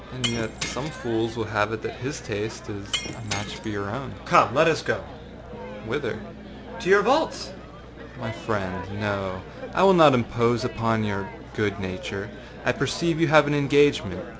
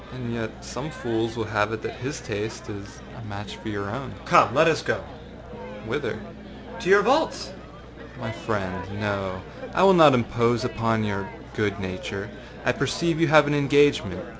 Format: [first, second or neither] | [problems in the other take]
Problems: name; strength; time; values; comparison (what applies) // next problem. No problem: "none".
second | background sound (Shatter); 11 dB below the speech